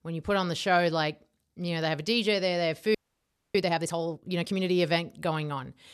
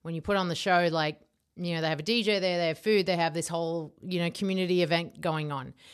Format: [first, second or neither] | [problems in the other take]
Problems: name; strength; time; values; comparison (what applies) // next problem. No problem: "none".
second | audio freezing; at 3 s for 0.5 s